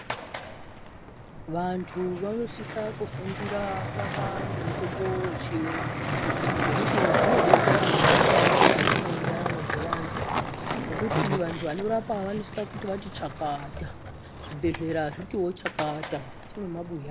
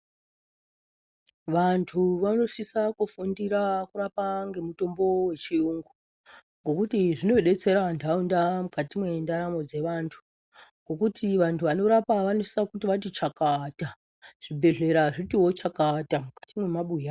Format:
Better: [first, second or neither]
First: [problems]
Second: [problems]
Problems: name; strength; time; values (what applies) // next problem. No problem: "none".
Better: second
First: background sound (Skateboard); 5 dB above the speech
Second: none